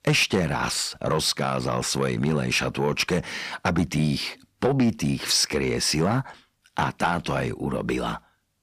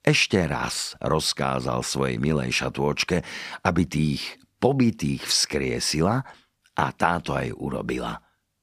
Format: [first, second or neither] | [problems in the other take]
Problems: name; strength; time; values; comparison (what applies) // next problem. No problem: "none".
second | distortion; slight; 10 dB below the speech